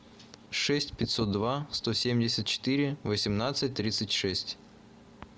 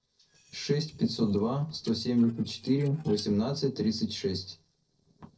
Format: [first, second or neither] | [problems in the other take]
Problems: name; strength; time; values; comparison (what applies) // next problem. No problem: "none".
first | noise reduction (neural separator model SepFormer DNS4)